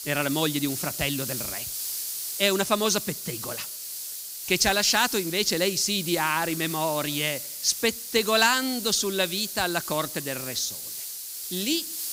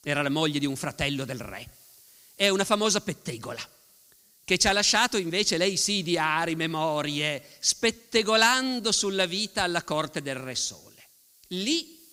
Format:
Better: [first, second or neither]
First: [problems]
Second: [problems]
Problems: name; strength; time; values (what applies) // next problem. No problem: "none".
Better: second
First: hiss; loud; throughout; 7 dB below the speech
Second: hiss; faint; throughout; 30 dB below the speech